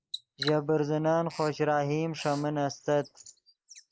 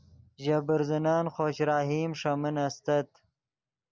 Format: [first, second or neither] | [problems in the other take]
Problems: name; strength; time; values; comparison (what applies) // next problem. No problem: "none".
second | noise reduction (neural mask model Resemble Enhance denoiser)